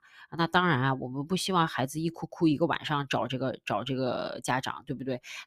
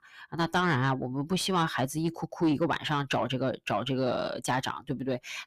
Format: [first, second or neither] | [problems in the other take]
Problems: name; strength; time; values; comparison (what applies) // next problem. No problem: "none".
first | distortion; slight; 10 dB below the speech